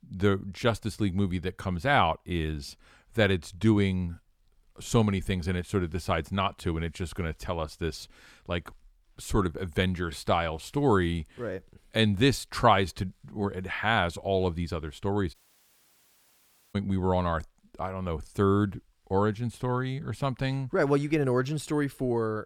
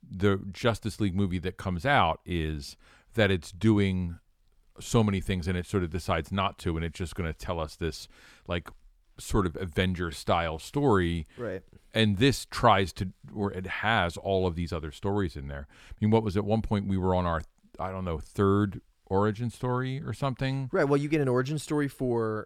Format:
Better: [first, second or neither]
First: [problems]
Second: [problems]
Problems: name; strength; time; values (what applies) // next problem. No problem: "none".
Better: second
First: audio cutting out; at 15 s for 1.5 s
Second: none